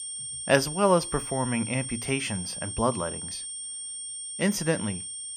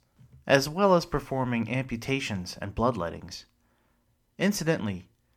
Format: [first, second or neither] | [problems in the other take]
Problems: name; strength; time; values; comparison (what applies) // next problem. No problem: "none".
second | high-pitched whine; loud; throughout; 8.5 kHz, 6 dB below the speech